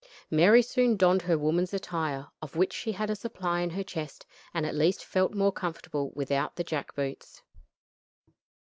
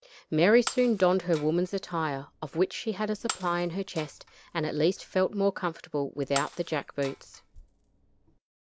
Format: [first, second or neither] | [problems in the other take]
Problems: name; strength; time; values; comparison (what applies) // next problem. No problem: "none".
first | background sound (Shatter); 15 dB below the speech